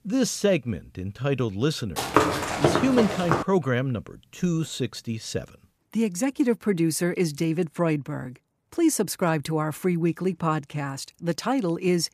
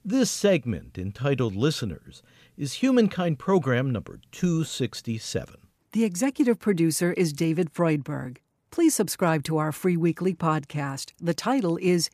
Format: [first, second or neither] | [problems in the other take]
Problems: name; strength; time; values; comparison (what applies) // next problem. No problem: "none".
second | footsteps; loud; from 2 to 3.5 s; peak 4 dB above the speech